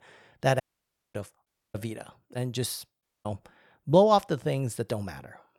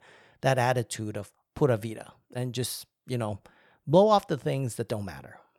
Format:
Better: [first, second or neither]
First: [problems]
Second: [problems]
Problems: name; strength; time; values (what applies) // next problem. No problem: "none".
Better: second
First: audio cutting out; at 0.5 s for 0.5 s, at 1.5 s and at 3 s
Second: none